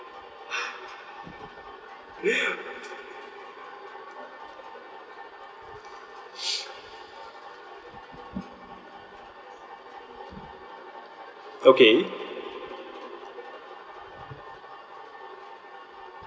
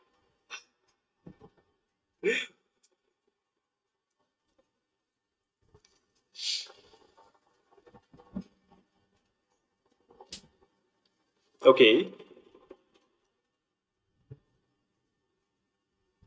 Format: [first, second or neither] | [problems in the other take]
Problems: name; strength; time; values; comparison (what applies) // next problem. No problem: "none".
first | noise reduction (neural mask model RNNoise)